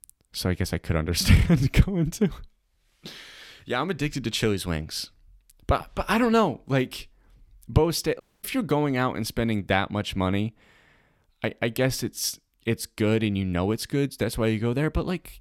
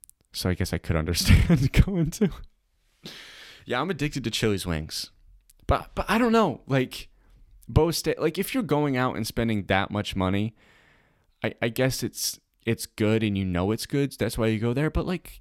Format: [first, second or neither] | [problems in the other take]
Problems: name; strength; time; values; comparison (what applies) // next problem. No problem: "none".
second | audio cutting out; at 8 s